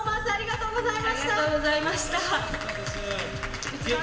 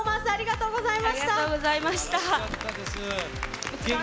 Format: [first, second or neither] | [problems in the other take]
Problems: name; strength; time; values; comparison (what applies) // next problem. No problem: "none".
second | background sound (Wind instrument, woodwind instrument); 15 dB below the speech // room echo; dies away in 2.8 s